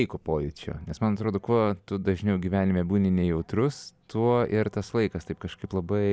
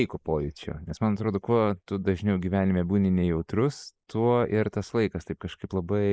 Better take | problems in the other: first | noise reduction (neural mask model Resemble Enhance denoiser)

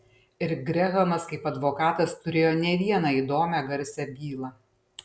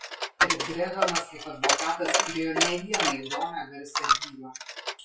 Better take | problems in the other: first | noise reduction (classical method WPE with log-MMSE)

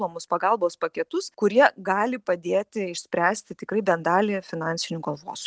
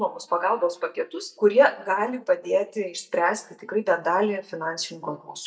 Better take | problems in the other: first | noise reduction (neural mask model DeepFilterNet 3)

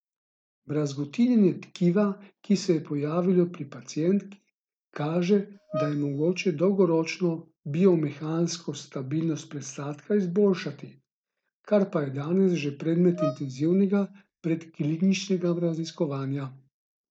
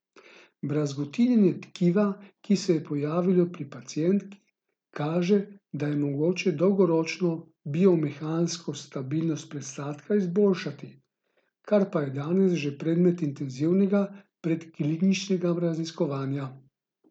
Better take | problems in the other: second | noise reduction (neural mask model DeepFilterNet 3)

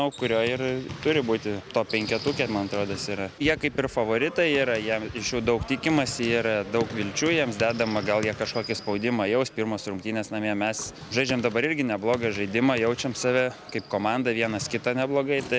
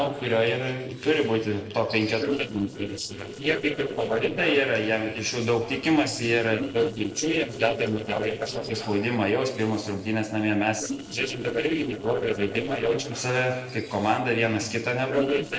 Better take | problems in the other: first | noise reduction (neural separator model SepFormer DNS4)

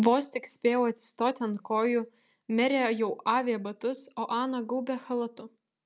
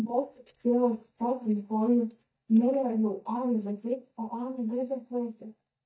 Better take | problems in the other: first | noise reduction (neural mask model DeepFilterNet 3)

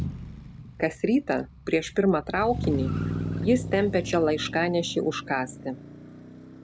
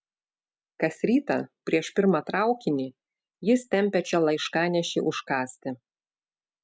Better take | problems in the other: second | background sound (Motor vehicle (road)); 8 dB below the speech

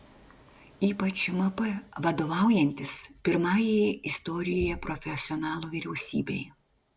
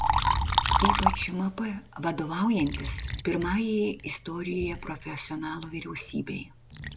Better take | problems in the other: first | background sound (Liquid); as loud as the speech

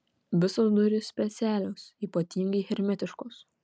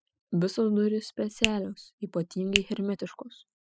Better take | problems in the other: first | noise reduction (classical method spectral subtraction)

